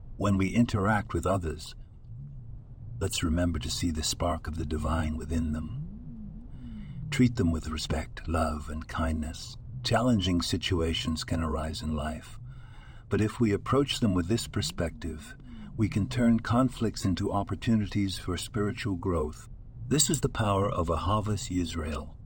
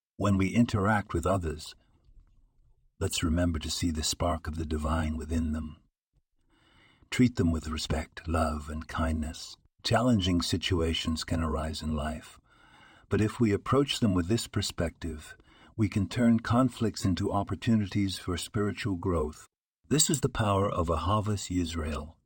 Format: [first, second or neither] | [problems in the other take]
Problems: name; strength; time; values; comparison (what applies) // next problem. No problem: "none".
second | low rumble; faint; throughout; 25 dB below the speech